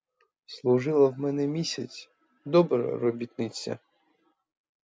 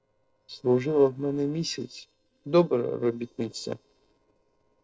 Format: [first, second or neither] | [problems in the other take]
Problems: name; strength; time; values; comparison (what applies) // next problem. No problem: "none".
first | noise reduction (neural separator model SepFormer DNS4)